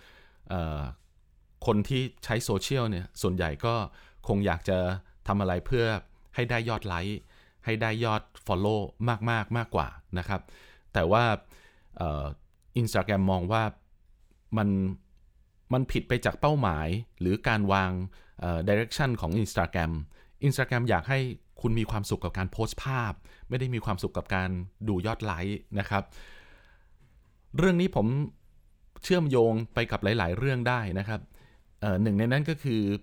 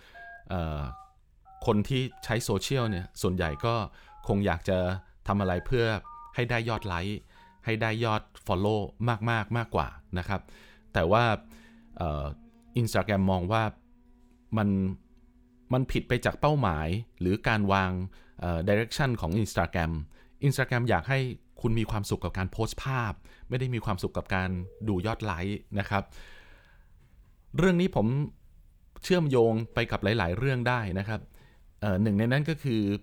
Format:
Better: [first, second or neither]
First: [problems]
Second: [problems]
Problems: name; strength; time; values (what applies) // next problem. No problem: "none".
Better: first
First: none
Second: alarms or sirens; faint; throughout; 25 dB below the speech